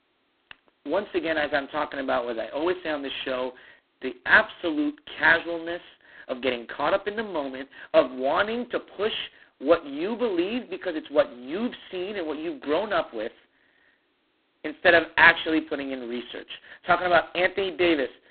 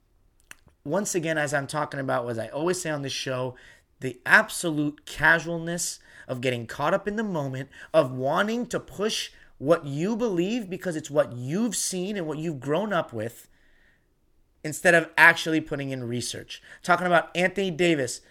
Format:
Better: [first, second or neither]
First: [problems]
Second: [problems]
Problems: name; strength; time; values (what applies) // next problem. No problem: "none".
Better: second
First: phone-call audio; poor line; nothing above 4 kHz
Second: none